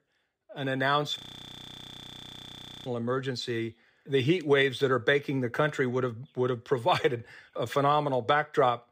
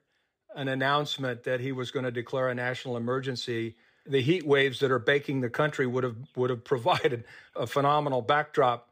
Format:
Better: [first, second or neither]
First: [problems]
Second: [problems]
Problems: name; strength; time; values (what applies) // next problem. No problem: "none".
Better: second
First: audio freezing; at 1 s for 1.5 s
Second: none